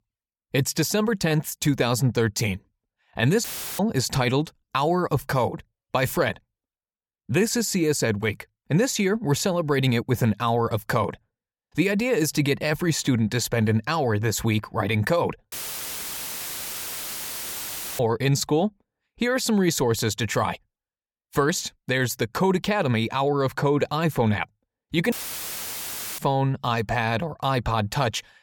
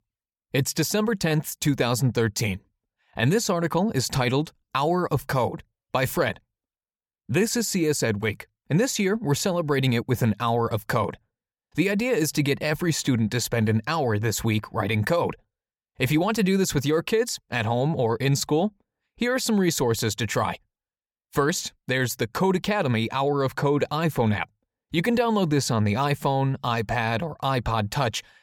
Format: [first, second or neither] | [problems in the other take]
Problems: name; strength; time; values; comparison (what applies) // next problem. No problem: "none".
second | audio cutting out; filled with static; at 3.5 s, at 16 s for 2.5 s and at 25 s for 1 s